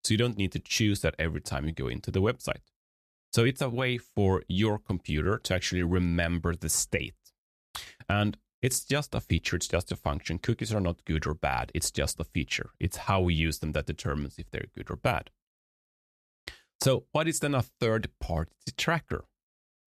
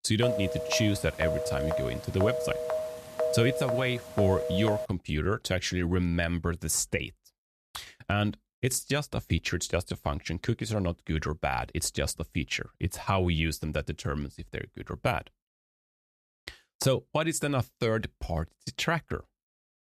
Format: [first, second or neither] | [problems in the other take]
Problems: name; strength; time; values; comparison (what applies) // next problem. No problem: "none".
first | phone ringing; loud; until 5 s; peak level with the speech